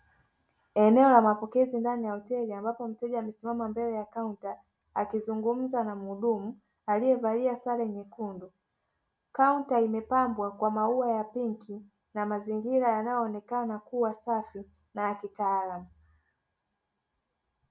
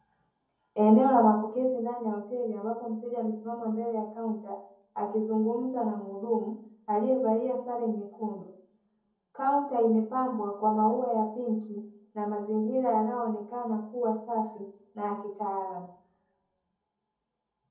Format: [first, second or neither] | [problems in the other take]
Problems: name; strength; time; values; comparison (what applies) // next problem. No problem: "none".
first | room echo; dies away in 0.6 s